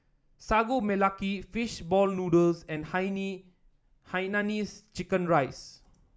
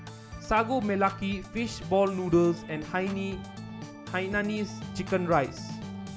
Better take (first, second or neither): first